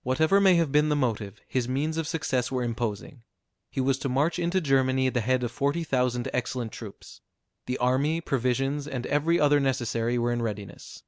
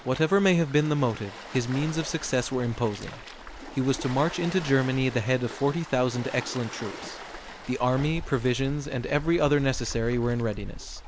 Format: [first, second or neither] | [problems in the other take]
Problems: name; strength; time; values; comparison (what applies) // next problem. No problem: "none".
first | background sound (Waves, surf); 13 dB below the speech